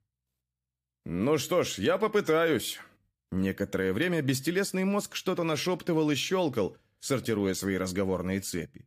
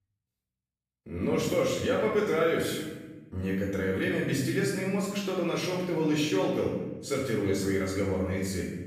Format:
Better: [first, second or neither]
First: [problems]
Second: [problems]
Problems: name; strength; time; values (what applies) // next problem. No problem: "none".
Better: first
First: none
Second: off-mic speech; far // room echo; noticeable; dies away in 1.1 s